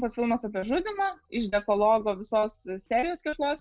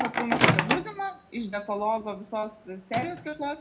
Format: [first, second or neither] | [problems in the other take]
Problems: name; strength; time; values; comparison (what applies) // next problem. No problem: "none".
first | background sound (Microwave oven); 1 dB above the speech // room echo; dies away in 0.3 s